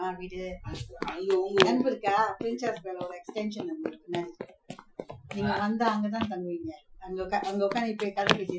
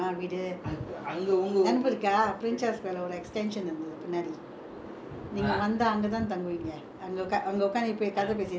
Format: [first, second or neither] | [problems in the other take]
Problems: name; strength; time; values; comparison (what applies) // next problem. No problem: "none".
second | noise reduction (classical method Wiener filter)